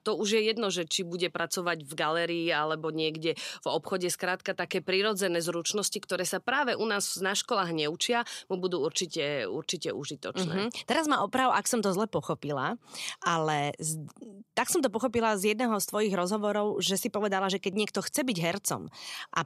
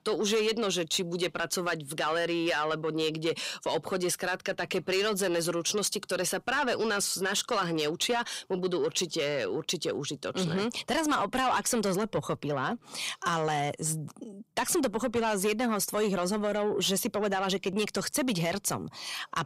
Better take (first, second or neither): first